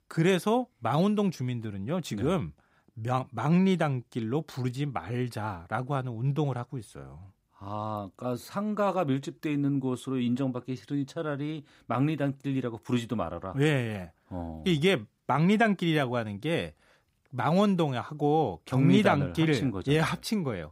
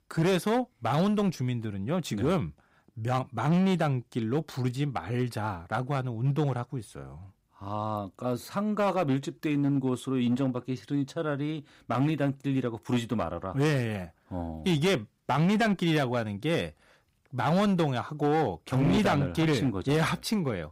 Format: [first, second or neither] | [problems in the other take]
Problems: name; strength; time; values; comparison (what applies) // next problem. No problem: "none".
first | distortion; slight; 8% of the sound clipped